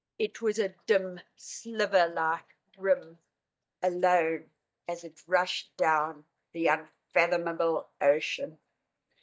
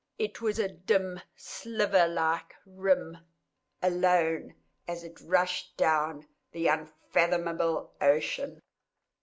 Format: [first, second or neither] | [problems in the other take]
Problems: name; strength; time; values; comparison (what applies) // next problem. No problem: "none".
second | noise reduction (neural mask model DeepFilterNet 3)